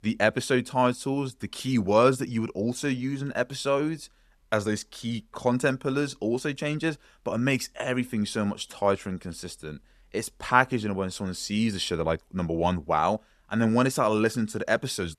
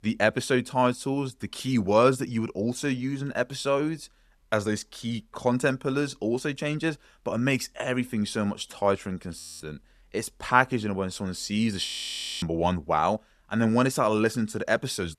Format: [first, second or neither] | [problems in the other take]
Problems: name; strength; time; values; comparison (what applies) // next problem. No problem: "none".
first | audio freezing; at 9.5 s and at 12 s for 0.5 s